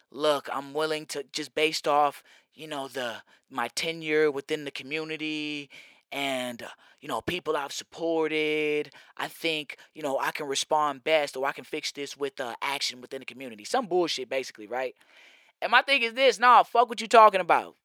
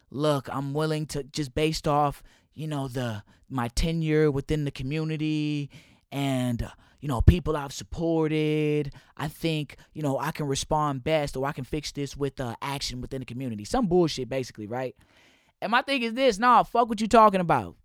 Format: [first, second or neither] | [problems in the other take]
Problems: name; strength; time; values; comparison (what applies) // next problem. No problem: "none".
second | thin; somewhat; fading below 500 Hz